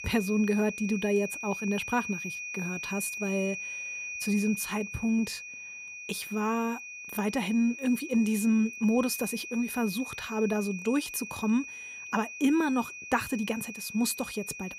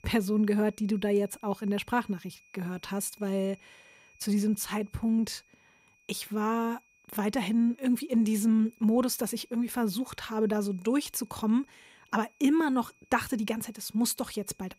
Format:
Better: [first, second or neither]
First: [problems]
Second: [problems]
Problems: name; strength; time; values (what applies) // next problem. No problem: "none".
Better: second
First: high-pitched whine; loud; throughout; 2.5 kHz, 8 dB below the speech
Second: high-pitched whine; faint; throughout; 2.5 kHz, 30 dB below the speech